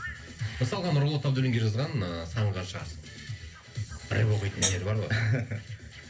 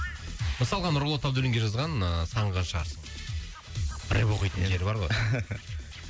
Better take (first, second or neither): second